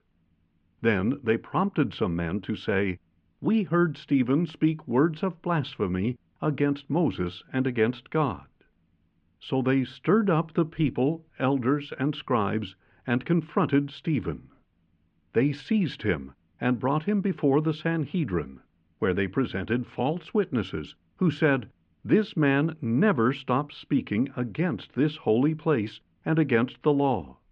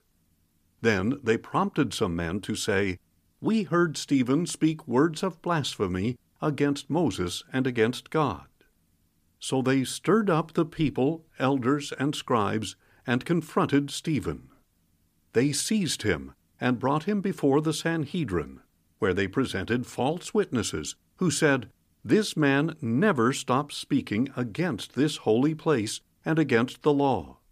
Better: second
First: muffled; very; fading above 3 kHz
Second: none

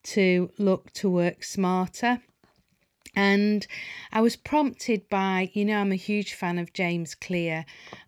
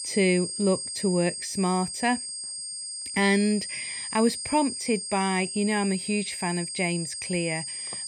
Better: first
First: none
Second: high-pitched whine; loud; throughout; 8.5 kHz, 5 dB below the speech

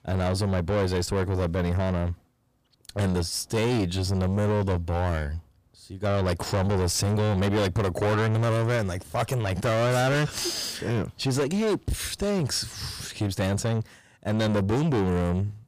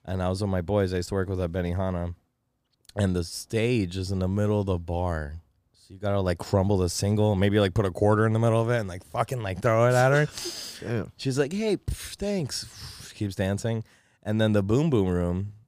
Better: second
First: distortion; heavy; 6 dB below the speech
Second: none

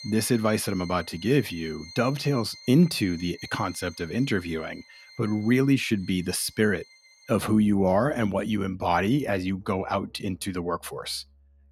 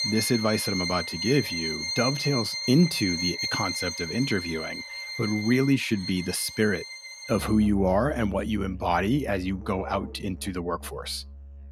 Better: first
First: background music; faint; throughout; 20 dB below the speech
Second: background music; loud; throughout; 5 dB below the speech

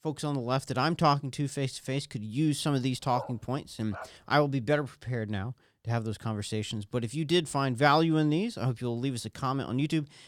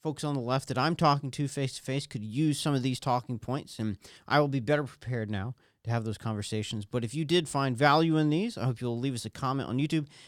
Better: second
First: dog barking; faint; at 3 s; peak 10 dB below the speech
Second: none

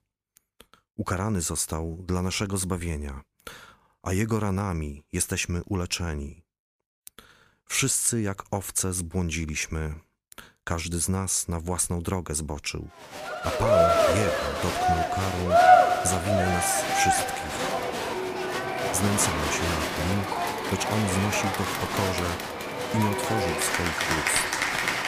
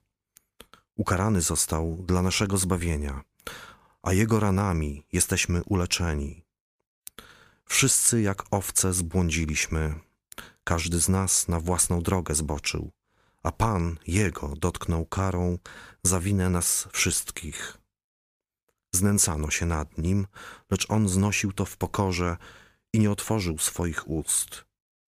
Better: second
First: crowd noise; very loud; from 13 s on; 3 dB above the speech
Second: none

